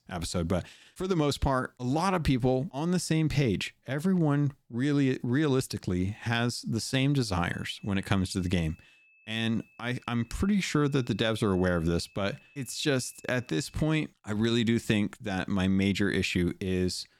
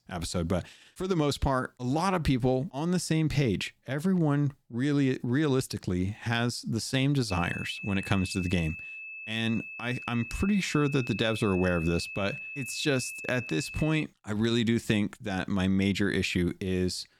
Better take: first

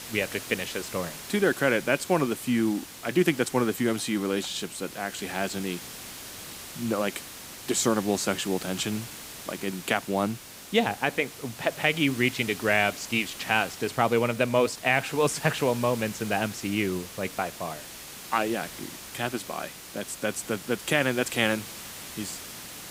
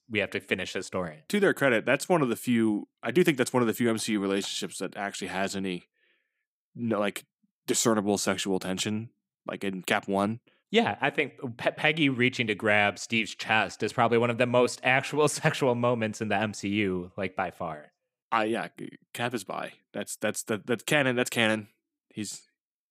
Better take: second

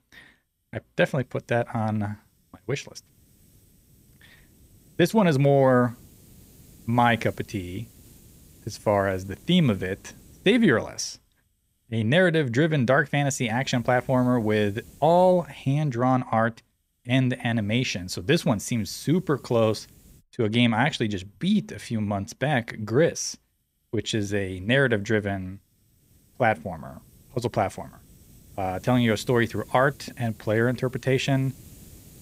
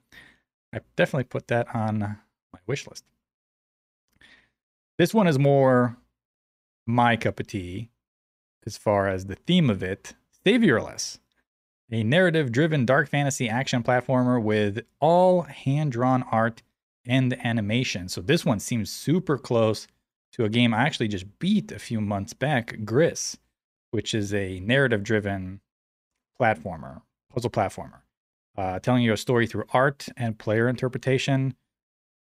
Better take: second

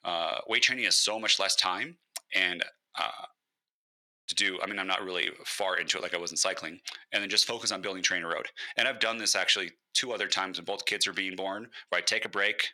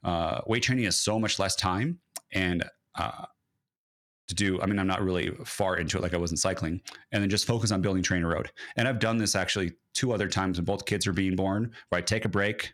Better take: second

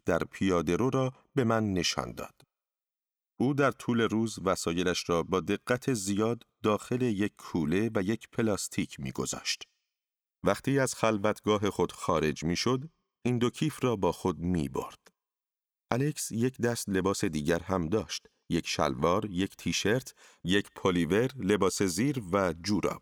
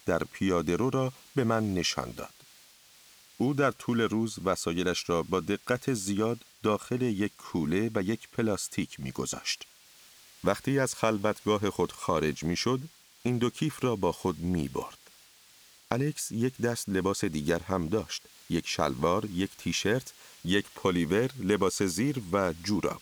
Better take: first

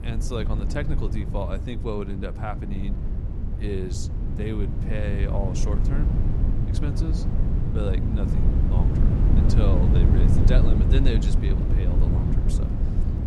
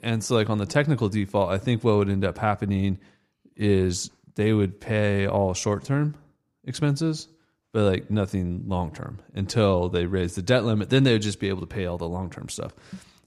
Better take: second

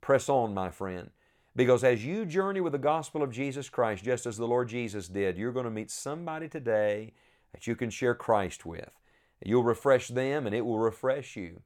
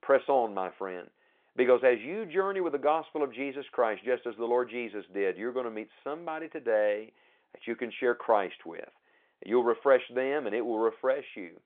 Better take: first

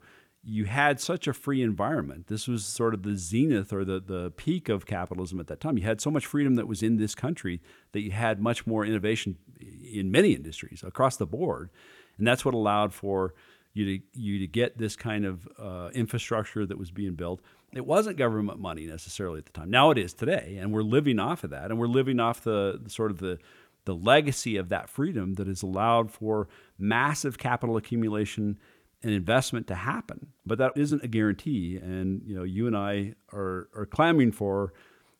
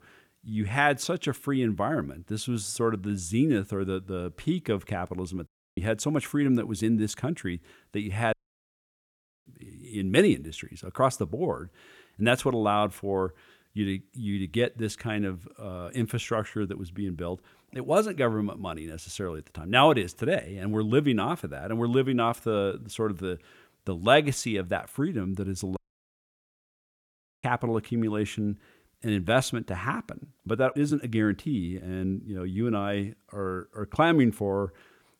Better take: first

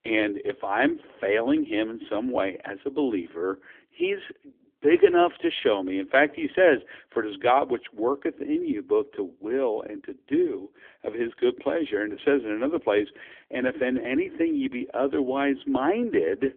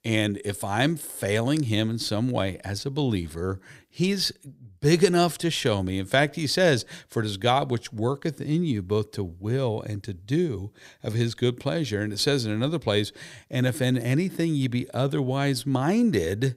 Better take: second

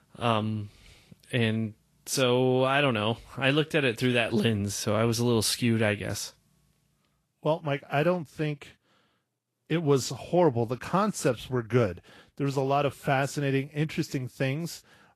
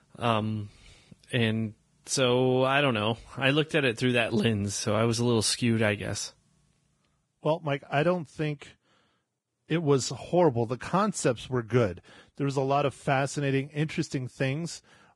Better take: first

